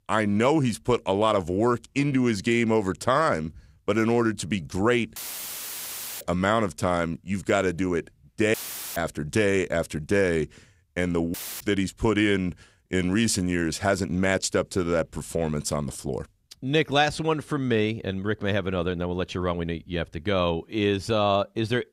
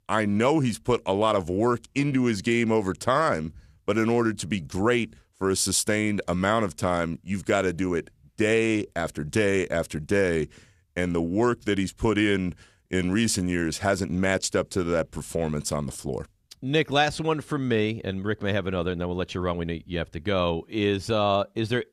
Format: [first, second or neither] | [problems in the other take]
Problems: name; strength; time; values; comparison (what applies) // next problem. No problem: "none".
second | audio cutting out; filled with static; at 5 s for 1 s, at 8.5 s and at 11 s